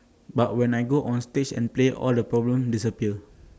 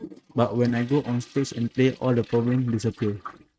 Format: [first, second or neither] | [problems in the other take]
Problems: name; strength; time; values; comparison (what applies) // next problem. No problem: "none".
first | noise reduction (neural mask model RNNoise)